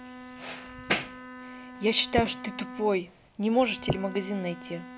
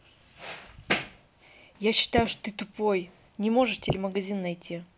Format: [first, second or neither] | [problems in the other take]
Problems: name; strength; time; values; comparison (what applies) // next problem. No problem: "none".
second | background sound (Bowed string instrument); 14 dB below the speech